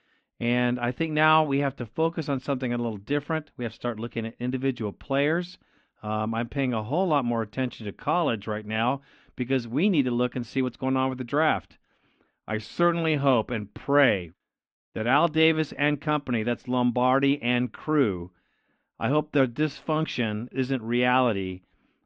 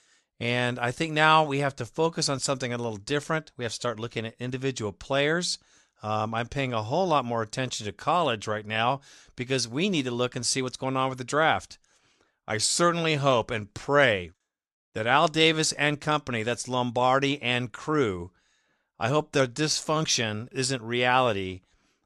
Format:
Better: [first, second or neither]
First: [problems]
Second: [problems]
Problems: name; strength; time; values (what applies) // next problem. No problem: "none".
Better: second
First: muffled; very; fading above 3 kHz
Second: none